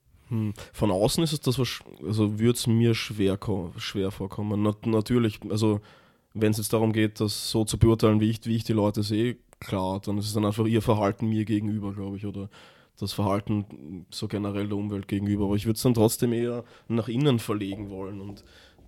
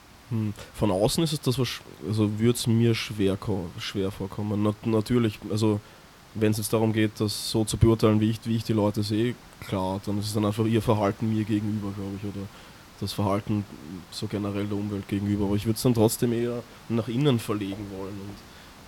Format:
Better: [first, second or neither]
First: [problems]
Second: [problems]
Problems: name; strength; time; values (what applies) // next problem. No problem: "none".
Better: first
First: none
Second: hiss; faint; throughout; 25 dB below the speech